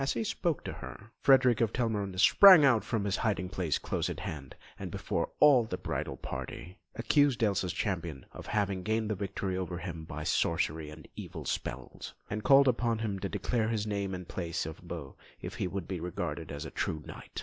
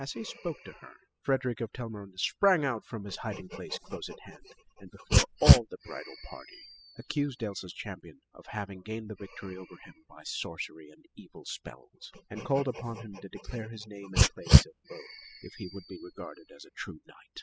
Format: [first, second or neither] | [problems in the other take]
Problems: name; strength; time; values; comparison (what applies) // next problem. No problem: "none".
first | noise reduction (classical method spectral subtraction)